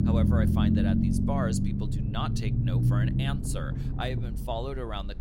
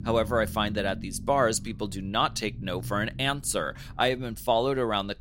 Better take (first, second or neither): second